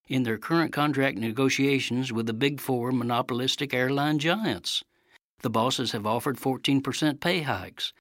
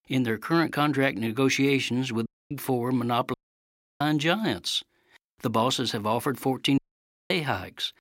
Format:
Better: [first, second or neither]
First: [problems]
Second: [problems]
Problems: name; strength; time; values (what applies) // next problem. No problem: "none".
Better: first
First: none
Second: audio cutting out; at 2.5 s, at 3.5 s for 0.5 s and at 7 s for 0.5 s